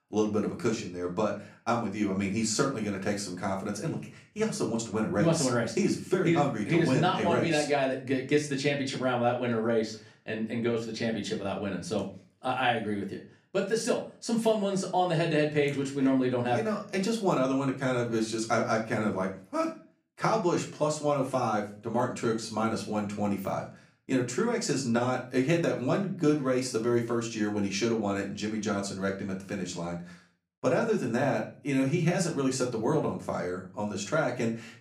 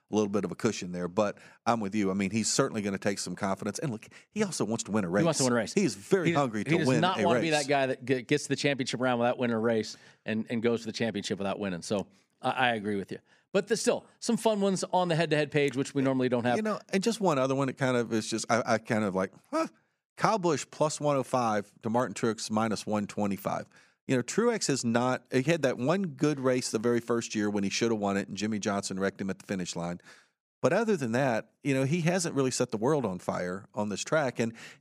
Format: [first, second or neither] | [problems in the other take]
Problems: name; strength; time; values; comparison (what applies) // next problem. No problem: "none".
second | room echo; slight; dies away in 0.4 s // off-mic speech; somewhat distant